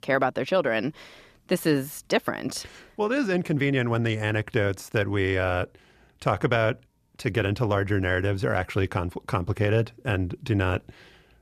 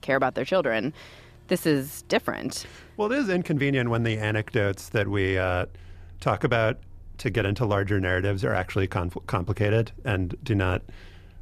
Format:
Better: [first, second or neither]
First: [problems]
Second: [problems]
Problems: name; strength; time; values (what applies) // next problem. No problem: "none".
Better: first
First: none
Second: traffic noise; faint; throughout; 25 dB below the speech